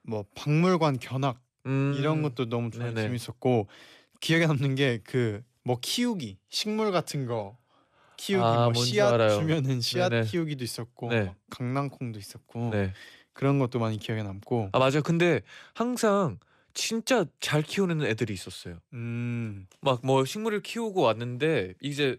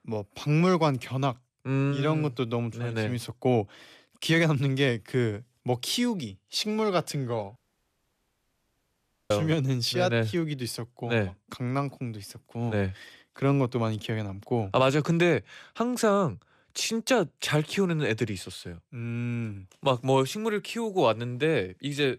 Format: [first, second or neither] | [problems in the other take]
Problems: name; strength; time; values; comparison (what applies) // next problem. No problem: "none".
first | audio cutting out; at 7.5 s for 1.5 s